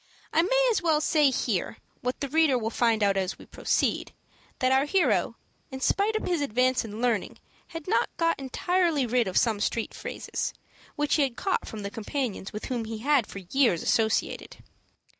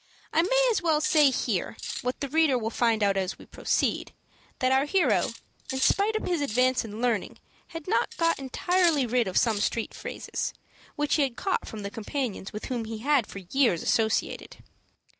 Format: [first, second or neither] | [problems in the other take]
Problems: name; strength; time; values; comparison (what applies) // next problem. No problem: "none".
first | background sound (Cutlery, silverware); 9 dB below the speech